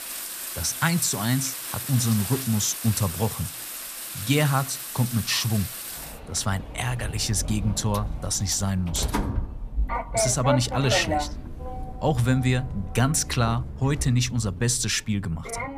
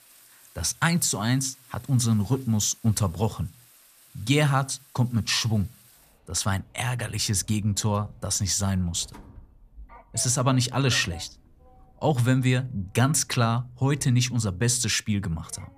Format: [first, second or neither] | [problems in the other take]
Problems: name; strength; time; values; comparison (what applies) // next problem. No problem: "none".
second | household noises; loud; throughout; 7 dB below the speech; faint in the second